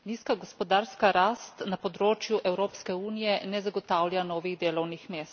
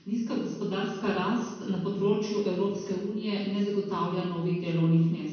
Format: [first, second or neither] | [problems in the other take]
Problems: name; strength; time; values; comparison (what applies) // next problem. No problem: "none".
first | room echo; dies away in 1.2 s